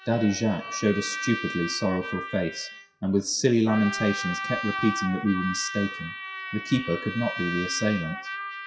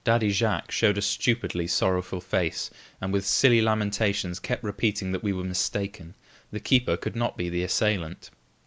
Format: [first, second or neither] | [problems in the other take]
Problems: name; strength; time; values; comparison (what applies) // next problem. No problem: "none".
second | noise reduction (classical method WPE with log-MMSE)